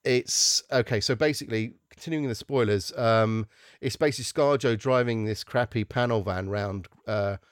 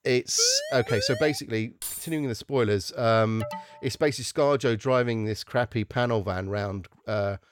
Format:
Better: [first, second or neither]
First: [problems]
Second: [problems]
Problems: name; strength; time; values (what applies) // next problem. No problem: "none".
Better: first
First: none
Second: siren; noticeable; at 0.5 s; peak 6 dB below the speech // jangling keys; noticeable; at 2 s; peak 8 dB below the speech // alarm; faint; at 3.5 s; peak 10 dB below the speech